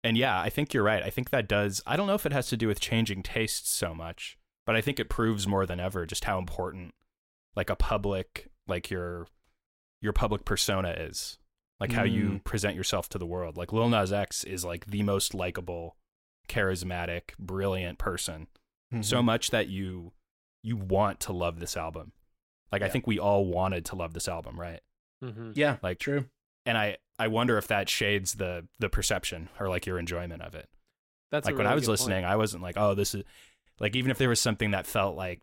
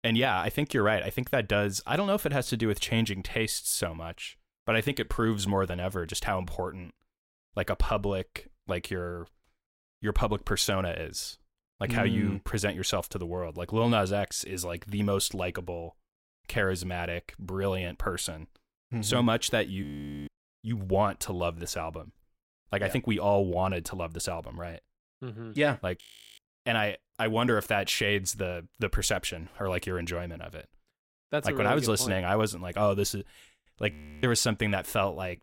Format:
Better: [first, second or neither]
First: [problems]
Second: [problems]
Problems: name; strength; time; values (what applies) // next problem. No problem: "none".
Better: first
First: none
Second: audio freezing; at 20 s, at 26 s and at 34 s